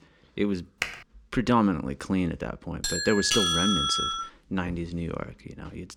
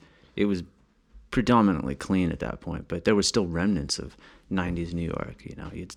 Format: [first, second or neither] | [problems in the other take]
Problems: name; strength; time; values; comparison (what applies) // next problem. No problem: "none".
second | keyboard typing; noticeable; at 1 s; peak 4 dB below the speech // doorbell; loud; from 3 to 4.5 s; peak 6 dB above the speech